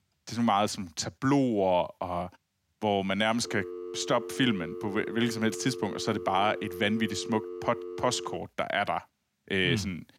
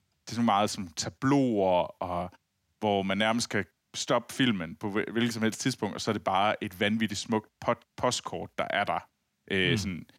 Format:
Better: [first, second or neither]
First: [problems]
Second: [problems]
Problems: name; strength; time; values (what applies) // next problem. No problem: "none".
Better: second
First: phone ringing; noticeable; from 3.5 to 8.5 s; peak 10 dB below the speech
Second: none